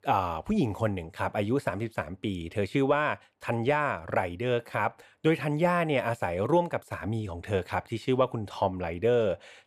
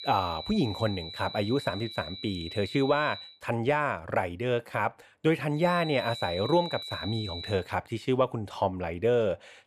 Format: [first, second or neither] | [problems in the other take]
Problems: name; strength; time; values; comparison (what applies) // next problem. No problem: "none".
first | high-pitched whine; loud; until 3.5 s and from 5.5 to 7.5 s; 4 kHz, 10 dB below the speech